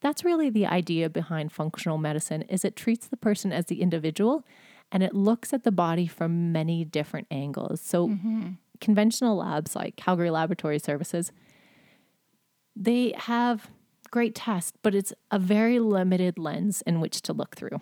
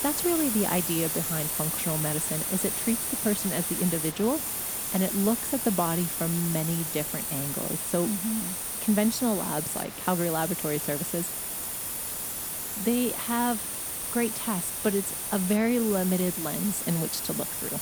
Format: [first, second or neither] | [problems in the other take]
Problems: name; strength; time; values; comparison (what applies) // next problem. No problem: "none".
first | hiss; loud; throughout; as loud as the speech